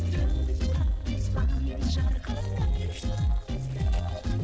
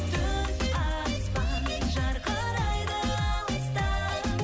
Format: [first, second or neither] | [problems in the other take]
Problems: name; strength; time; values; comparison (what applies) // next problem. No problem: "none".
second | noise reduction (neural separator model SepFormer DNS4)